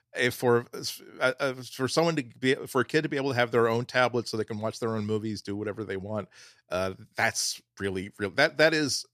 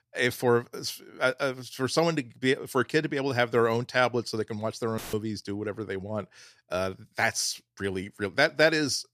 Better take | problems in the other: first | audio cutting out; filled with static; at 5 s

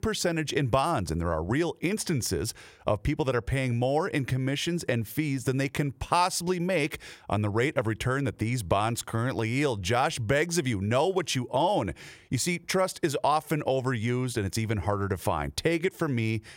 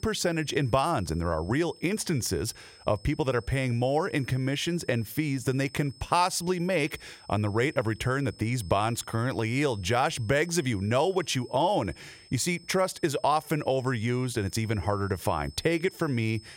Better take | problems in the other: first | high-pitched whine; faint; throughout; 5 kHz, 25 dB below the speech

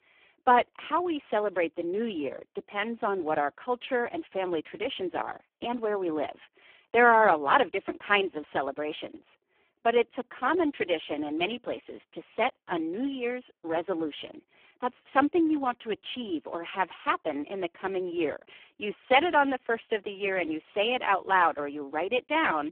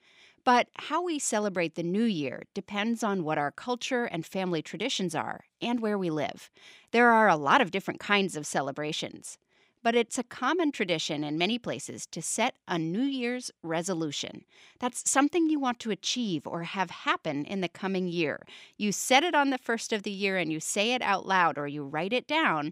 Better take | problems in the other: second | phone-call audio; poor line

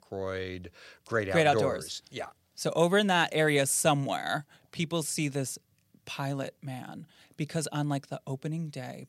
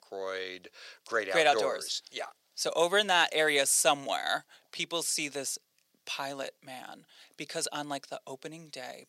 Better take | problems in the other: first | thin; somewhat; fading below 450 Hz

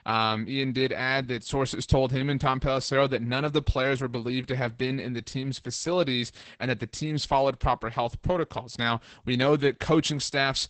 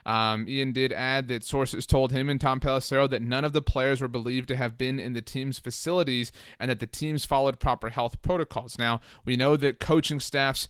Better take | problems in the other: second | garbled, watery; badly; nothing above 8 kHz; slightly in the second

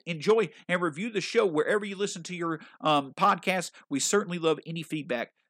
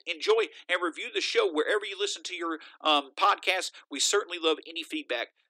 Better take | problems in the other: first | thin; somewhat; fading below 300 Hz

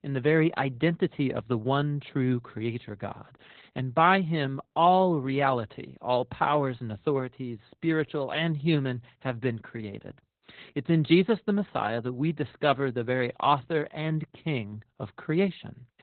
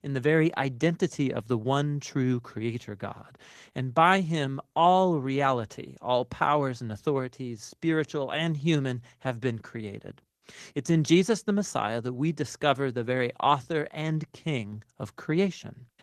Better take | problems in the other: second | garbled, watery; badly; nothing above 4 kHz; slightly in the second

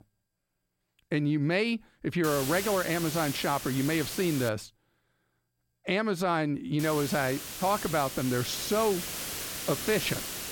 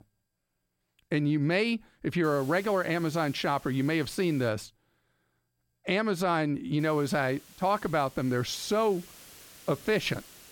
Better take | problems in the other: second | hiss; loud; from 2 to 4.5 s and from 7 s on; 6 dB below the speech; faint in the second

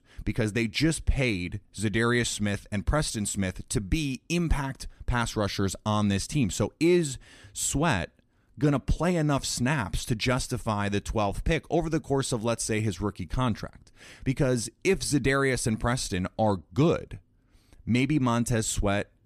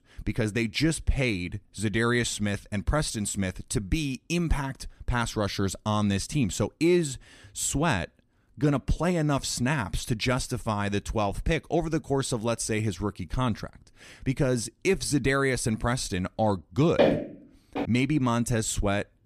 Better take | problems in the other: first | footsteps; loud; at 17 s; peak 4 dB above the speech

